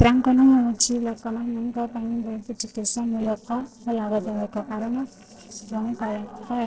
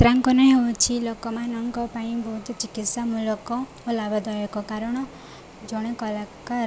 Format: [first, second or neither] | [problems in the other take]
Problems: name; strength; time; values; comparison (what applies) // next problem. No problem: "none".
second | noise reduction (neural separator model SepFormer DNS4)